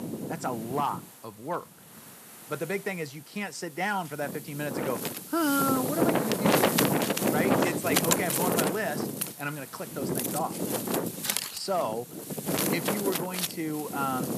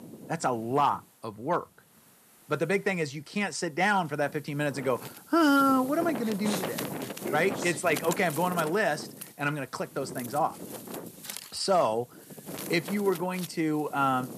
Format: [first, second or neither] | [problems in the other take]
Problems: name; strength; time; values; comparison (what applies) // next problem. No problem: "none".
second | wind noise on the microphone; heavy; 2 dB above the speech; occasional gusts in the second